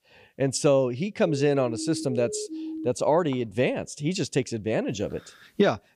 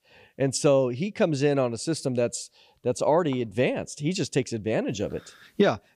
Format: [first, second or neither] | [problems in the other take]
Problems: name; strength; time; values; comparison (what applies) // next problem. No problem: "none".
second | siren; noticeable; from 1 to 3 s; peak 9 dB below the speech